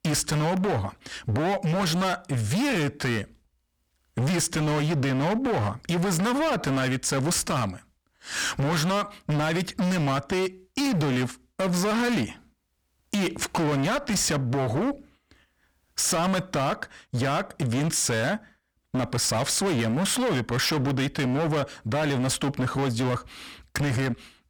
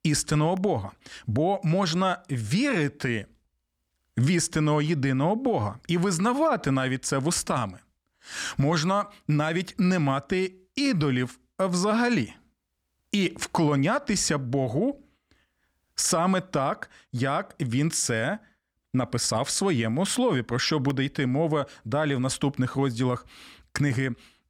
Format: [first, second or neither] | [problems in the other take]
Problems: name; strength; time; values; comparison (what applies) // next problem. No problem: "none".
second | distortion; heavy; 29% of the sound clipped